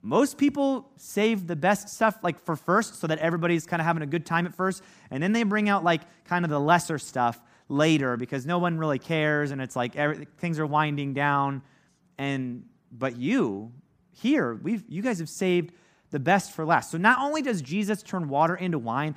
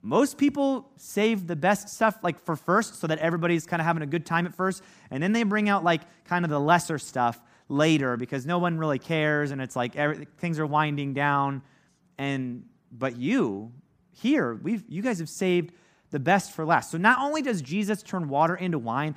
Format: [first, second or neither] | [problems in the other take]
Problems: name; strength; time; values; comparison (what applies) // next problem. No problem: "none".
neither | none